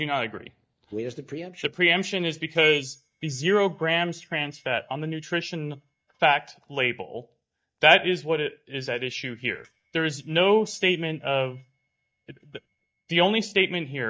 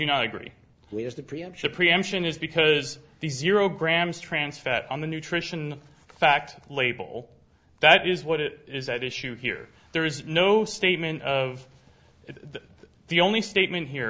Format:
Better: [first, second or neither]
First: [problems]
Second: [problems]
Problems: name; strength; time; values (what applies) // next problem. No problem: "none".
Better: second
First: noise reduction (neural mask model DeepFilterNet 3)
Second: none